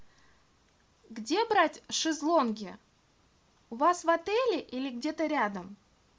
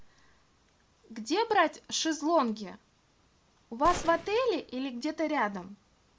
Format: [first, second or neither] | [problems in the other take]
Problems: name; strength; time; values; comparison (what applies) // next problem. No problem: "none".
first | background sound (Gunshot, gunfire); 10 dB below the speech